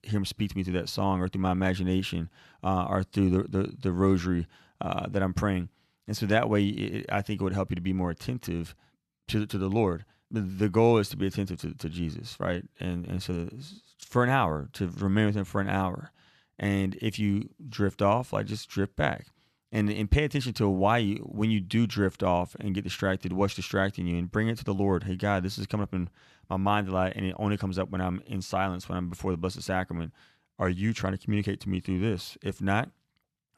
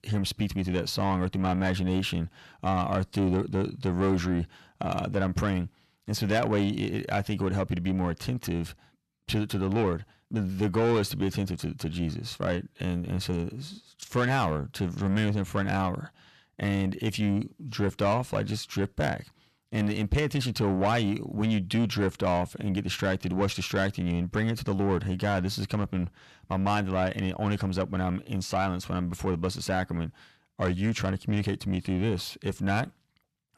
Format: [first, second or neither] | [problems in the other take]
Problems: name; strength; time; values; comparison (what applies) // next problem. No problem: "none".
first | distortion; slight; 10 dB below the speech